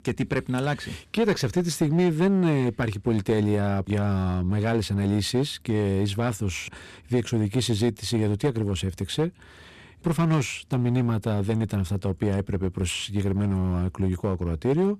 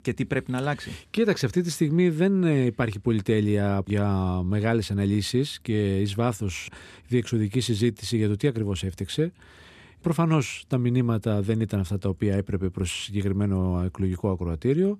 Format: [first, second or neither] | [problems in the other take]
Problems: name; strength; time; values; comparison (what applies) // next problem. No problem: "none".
second | distortion; slight; 6% of the sound clipped